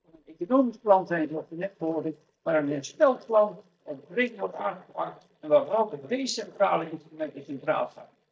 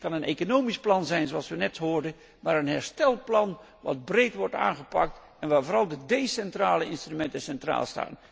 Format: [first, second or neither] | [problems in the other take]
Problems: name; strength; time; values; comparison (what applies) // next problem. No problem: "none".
second | noise reduction (neural mask model DeepFilterNet 3)